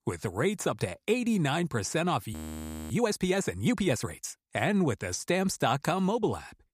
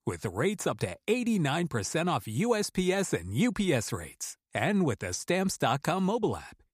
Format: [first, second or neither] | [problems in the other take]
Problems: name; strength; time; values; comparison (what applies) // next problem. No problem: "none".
second | audio freezing; at 2.5 s for 0.5 s